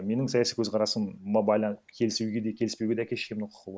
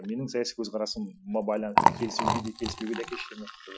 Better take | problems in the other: first | noise reduction (classical method Wiener filter)

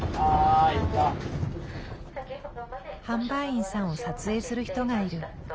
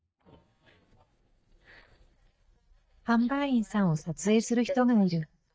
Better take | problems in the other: first | noise reduction (neural mask model DeepFilterNet 3)

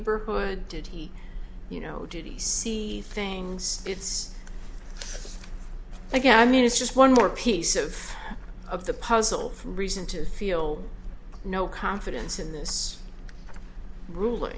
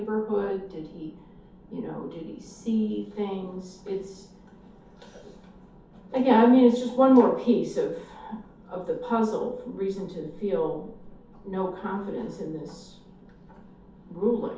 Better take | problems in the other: first | room echo; dies away in 0.5 s

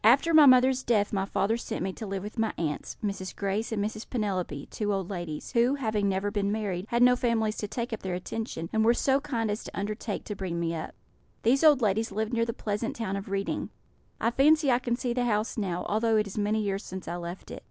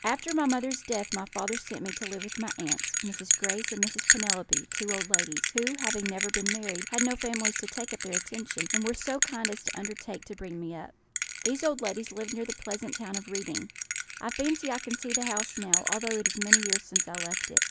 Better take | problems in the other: first | background sound (Bell); 3 dB above the speech

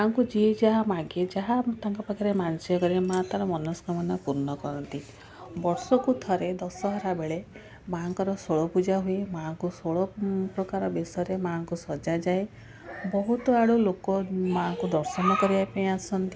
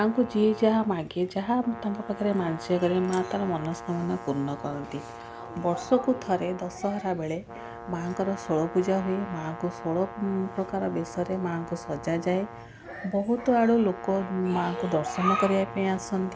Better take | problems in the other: first | background sound (Brass instrument); 14 dB below the speech

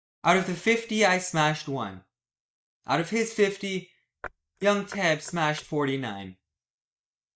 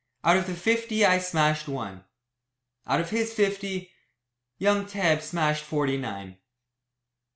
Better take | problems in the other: second | noise reduction (neural mask model DeepFilterNet 3)

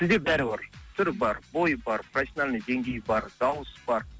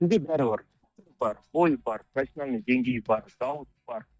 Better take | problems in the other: first | noise reduction (neural mask model DeepFilterNet 3)

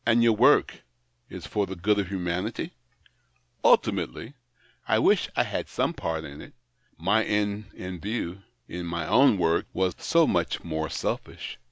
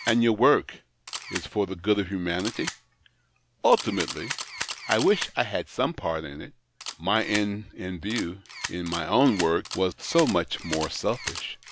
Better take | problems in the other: first | background sound (Camera); 12 dB below the speech

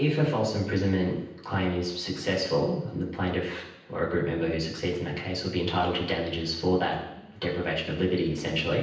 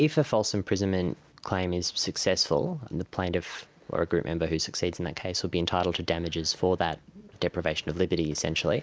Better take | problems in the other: second | room echo; dies away in 0.9 s

